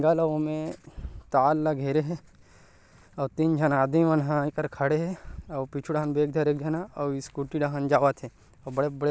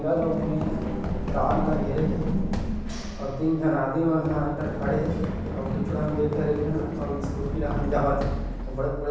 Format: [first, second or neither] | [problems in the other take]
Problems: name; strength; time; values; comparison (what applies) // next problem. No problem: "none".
first | background sound (Run); 1 dB below the speech // room echo; dies away in 1.1 s